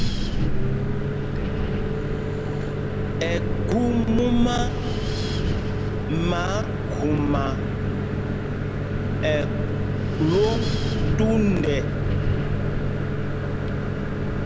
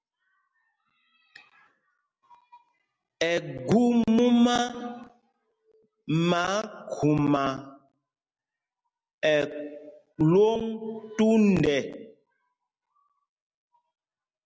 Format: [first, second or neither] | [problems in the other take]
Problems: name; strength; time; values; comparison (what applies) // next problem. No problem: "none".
second | background sound (Microwave oven + Wind); 4 dB above the speech